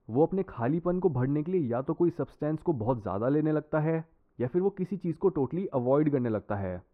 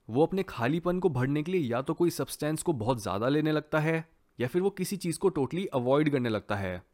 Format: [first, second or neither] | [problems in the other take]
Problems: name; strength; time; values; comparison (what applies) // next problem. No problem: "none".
second | muffled; very; fading above 3 kHz